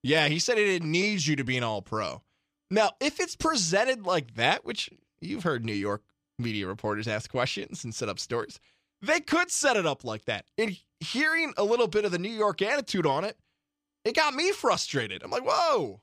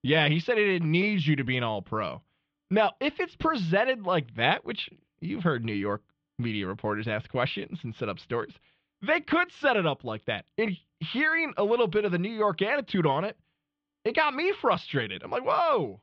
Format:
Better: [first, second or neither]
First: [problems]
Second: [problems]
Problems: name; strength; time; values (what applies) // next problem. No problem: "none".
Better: first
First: none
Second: muffled; very; fading above 3.5 kHz